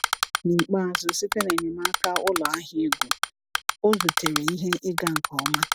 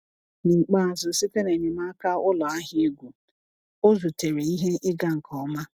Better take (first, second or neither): second